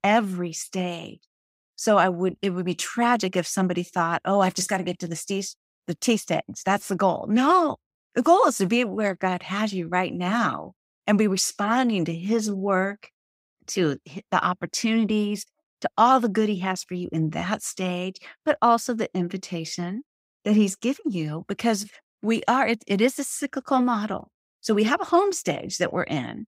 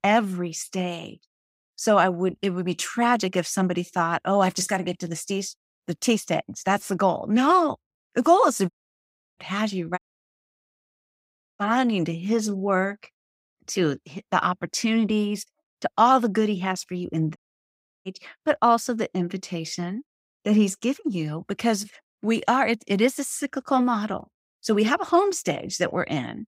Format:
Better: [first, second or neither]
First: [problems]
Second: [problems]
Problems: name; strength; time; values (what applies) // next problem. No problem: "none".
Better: first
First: none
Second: audio cutting out; at 8.5 s for 0.5 s, at 10 s for 1.5 s and at 17 s for 0.5 s